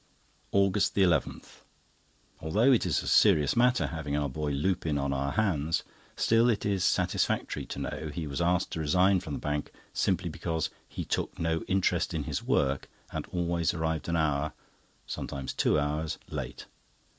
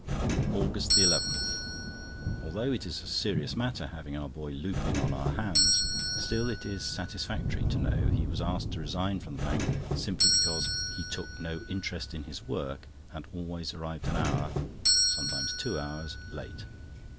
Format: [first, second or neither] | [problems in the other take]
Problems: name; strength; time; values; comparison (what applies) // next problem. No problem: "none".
first | background sound (Doorbell + Thunder); 5 dB above the speech